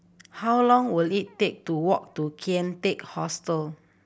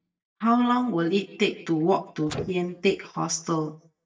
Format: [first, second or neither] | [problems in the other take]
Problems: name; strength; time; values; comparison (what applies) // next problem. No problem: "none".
first | noise reduction (neural mask model DeepFilterNet 3)